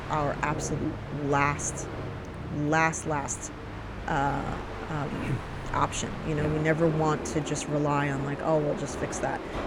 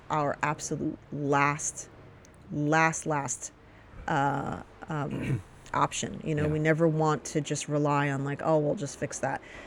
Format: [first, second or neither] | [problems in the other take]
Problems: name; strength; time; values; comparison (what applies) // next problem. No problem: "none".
second | train or aircraft noise; loud; throughout; 7 dB below the speech; faint in the second